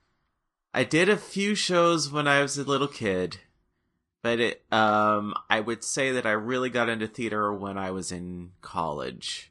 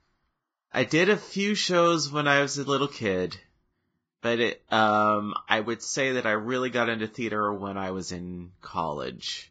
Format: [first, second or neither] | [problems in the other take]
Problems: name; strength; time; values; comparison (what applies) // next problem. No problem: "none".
first | garbled, watery; badly; nothing above 7.5 kHz; slightly in the first